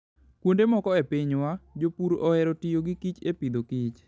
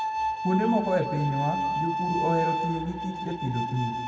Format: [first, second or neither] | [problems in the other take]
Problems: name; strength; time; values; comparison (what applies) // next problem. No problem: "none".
first | background sound (Bowed string instrument); 1 dB below the speech // room echo; dies away in 1.5 s